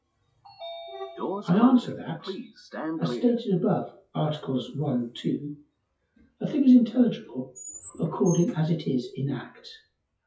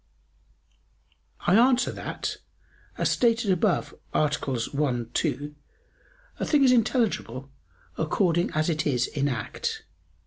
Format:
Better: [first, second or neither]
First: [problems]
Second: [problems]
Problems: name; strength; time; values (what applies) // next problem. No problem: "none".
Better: second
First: noise reduction (classical method WPE with log-MMSE)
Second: none